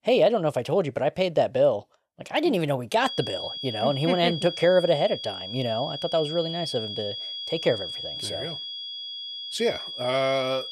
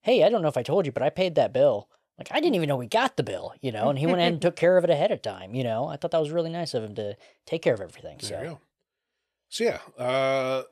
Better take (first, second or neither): second